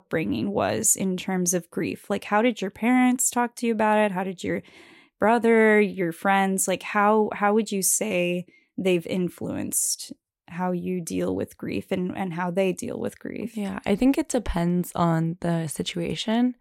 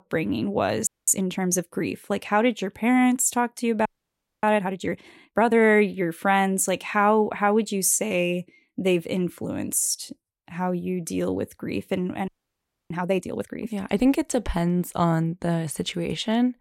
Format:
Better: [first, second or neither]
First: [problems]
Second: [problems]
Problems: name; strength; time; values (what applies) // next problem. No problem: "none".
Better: first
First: none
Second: audio freezing; at 1 s, at 4 s for 0.5 s and at 12 s for 0.5 s